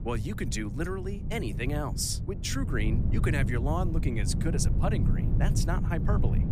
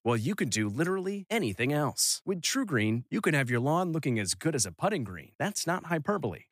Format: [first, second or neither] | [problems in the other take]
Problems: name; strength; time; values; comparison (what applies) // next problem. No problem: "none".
second | low rumble; loud; throughout; 7 dB below the speech